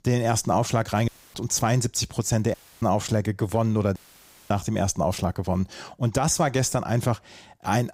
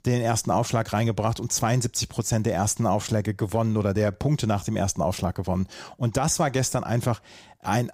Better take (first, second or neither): second